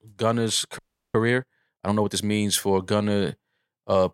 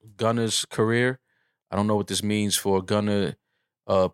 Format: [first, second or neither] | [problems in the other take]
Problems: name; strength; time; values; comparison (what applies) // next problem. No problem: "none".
second | audio freezing; at 1 s